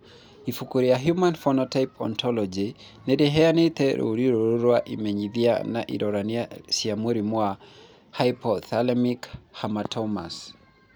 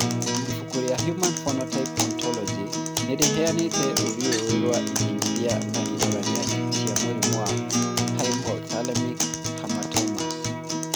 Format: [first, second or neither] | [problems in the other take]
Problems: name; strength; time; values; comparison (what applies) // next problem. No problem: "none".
first | background sound (Acoustic guitar); 4 dB above the speech